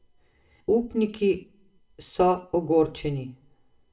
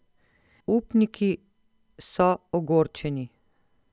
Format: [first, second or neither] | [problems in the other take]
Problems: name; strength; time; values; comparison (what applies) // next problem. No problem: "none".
second | room echo; dies away in 0.4 s